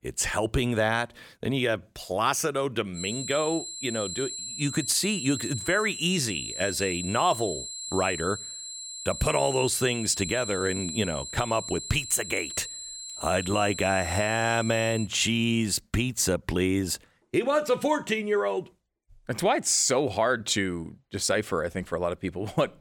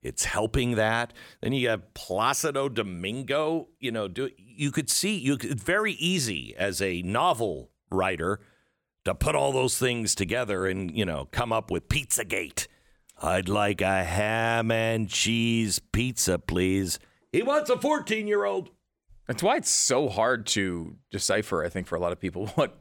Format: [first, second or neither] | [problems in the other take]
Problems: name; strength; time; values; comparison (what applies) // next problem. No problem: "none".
second | high-pitched whine; loud; from 3 to 15 s; 4 kHz, 7 dB below the speech